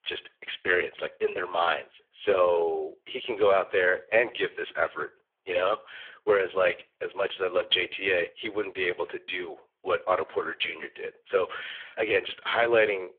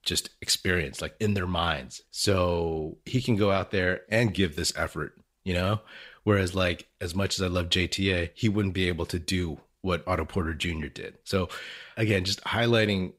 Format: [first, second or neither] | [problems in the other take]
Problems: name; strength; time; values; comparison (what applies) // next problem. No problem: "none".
second | phone-call audio; poor line; nothing above 3.5 kHz